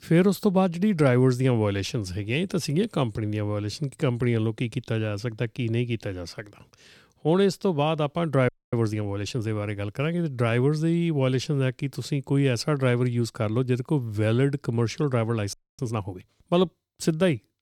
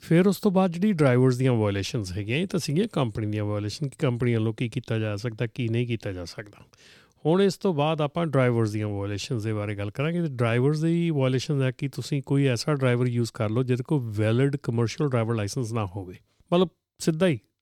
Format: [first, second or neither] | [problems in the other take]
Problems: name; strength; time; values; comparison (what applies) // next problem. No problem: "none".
second | audio freezing; at 8.5 s and at 16 s